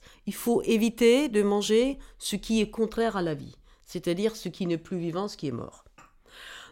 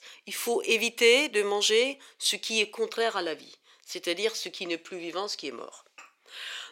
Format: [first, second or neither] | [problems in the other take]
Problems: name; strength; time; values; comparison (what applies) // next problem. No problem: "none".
first | thin; somewhat; fading below 400 Hz